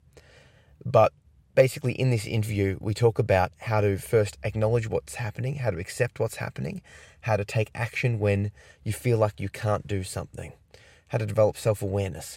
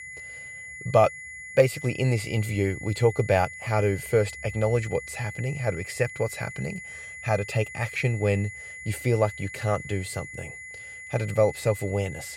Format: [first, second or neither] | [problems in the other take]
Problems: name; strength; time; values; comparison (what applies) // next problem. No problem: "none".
first | high-pitched whine; noticeable; throughout; 2 kHz, 10 dB below the speech